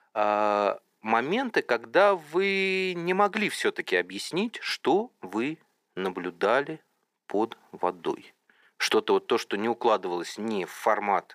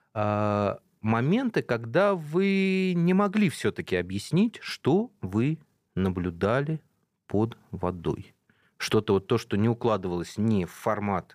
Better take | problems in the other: second | thin; somewhat; fading below 300 Hz

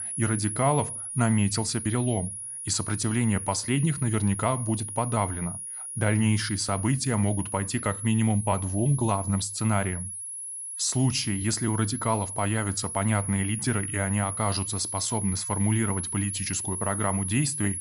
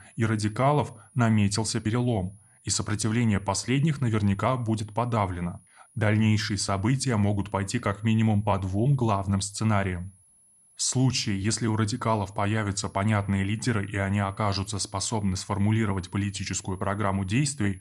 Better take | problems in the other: second | high-pitched whine; loud; throughout; 10.5 kHz, 5 dB below the speech; faint in the second

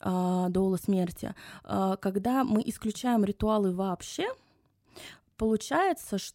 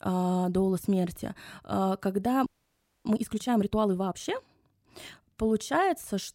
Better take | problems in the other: first | audio freezing; at 2.5 s for 0.5 s

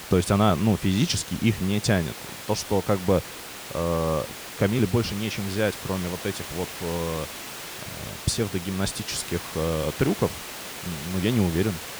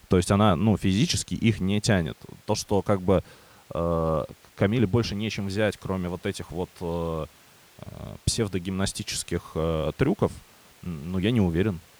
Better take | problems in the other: second | hiss; loud; throughout; 10 dB below the speech; faint in the second

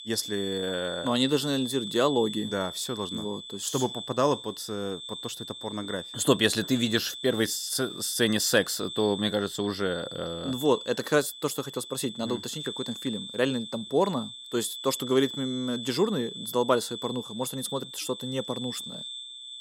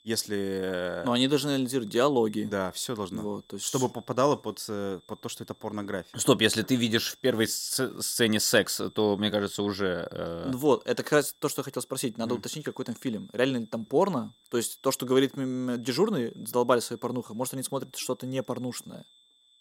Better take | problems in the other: second | high-pitched whine; loud; throughout; 3.5 kHz, 9 dB below the speech; faint in the second

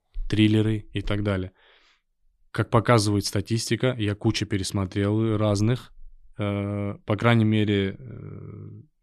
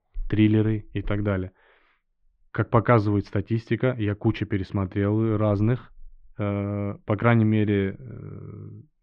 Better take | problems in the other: first | muffled; very; fading above 2 kHz

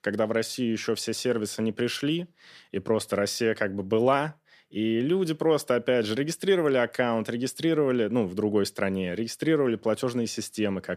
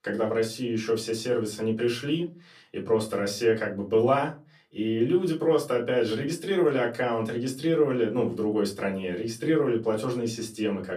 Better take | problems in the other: first | off-mic speech; far // room echo; very slight; dies away in 0.2 s

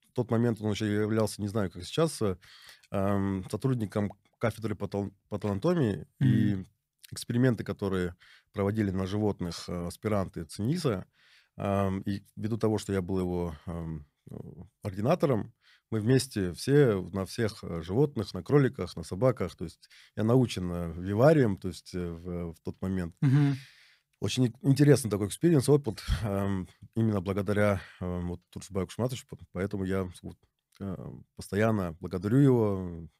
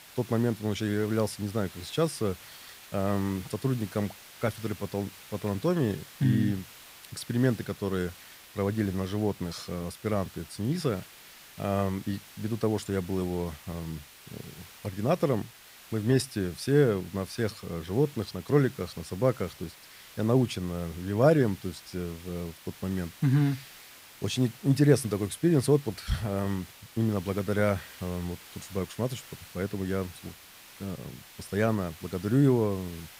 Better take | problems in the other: first | hiss; noticeable; throughout; 20 dB below the speech

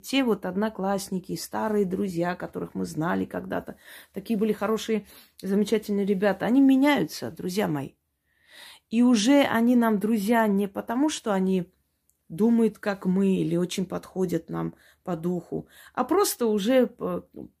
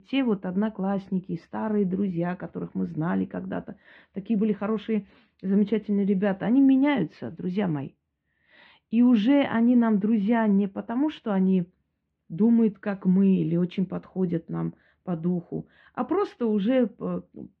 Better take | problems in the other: first | muffled; very; fading above 3 kHz

